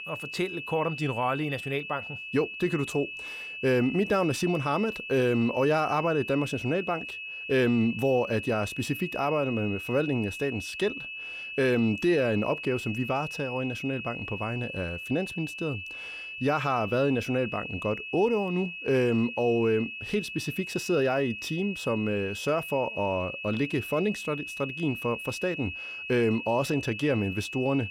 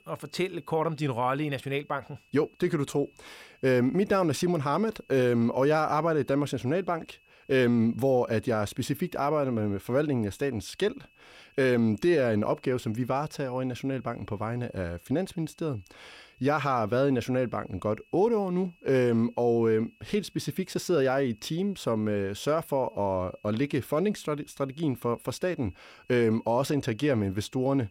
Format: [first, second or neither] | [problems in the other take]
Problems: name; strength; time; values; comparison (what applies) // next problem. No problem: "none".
second | high-pitched whine; loud; throughout; 2.5 kHz, 8 dB below the speech; faint in the second